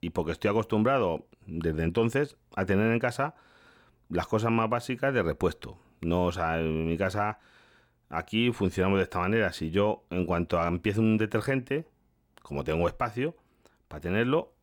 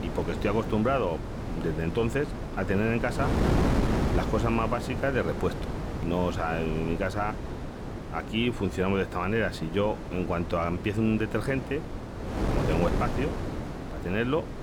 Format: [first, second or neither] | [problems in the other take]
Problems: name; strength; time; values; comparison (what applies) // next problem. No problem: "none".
first | wind noise on the microphone; heavy; 6 dB below the speech